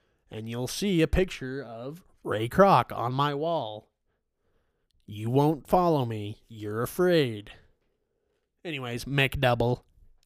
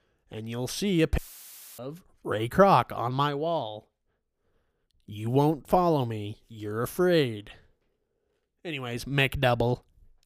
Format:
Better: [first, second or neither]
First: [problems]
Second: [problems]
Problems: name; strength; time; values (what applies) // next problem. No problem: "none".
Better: first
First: none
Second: audio cutting out; filled with static; at 1 s for 0.5 s